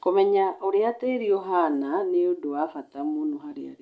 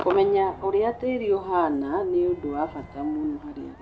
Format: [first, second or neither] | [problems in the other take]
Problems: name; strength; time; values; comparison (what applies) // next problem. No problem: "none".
first | background sound (Crowd / Cheering / Fireworks); 15 dB below the speech